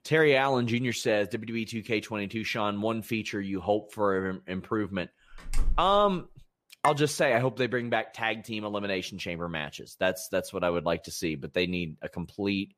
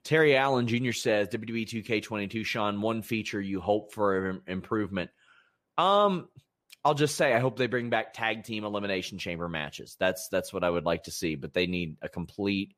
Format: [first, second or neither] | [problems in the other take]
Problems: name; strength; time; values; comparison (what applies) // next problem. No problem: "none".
second | door banging; noticeable; at 5.5 s; peak 5 dB below the speech // clattering dishes; noticeable; at 7 s; peak 6 dB below the speech